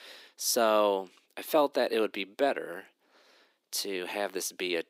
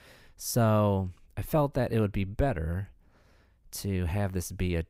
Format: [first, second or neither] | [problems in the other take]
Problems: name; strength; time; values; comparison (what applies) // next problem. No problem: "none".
second | thin; very; fading below 300 Hz